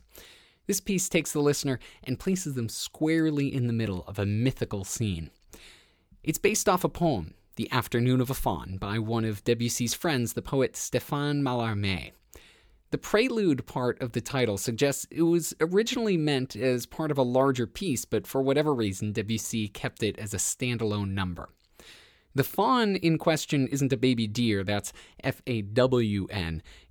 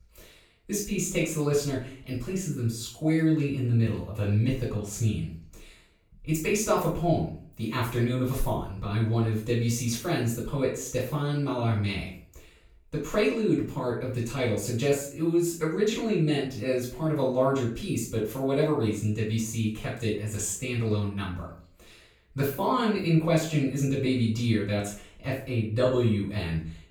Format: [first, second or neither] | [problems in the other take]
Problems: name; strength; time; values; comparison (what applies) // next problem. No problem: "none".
first | off-mic speech; far // room echo; noticeable; dies away in 0.4 s